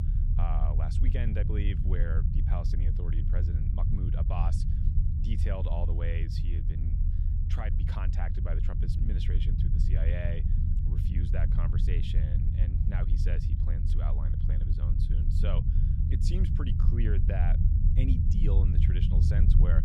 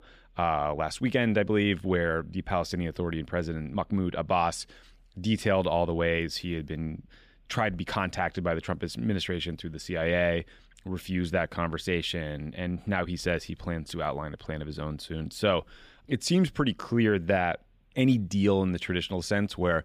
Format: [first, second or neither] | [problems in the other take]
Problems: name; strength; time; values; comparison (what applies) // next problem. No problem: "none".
second | low rumble; loud; throughout; 1 dB below the speech